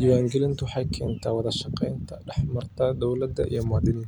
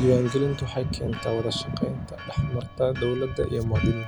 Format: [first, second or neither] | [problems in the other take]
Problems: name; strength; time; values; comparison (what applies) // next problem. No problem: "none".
first | background sound (Church bell + Keyboard (musical)); 15 dB below the speech